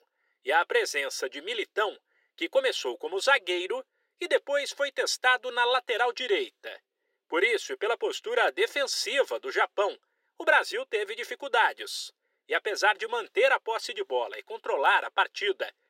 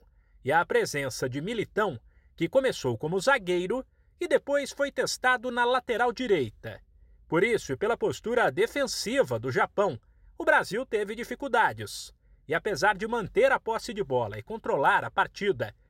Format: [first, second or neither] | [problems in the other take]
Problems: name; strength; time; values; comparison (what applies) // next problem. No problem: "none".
second | thin; very; fading below 350 Hz